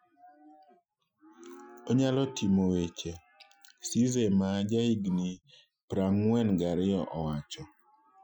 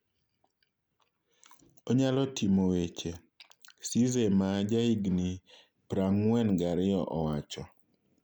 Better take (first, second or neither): second